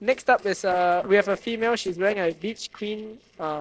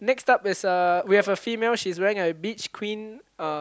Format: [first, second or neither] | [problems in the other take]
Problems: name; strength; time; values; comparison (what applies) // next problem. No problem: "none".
second | noise reduction (neural separator model SepFormer DNS4)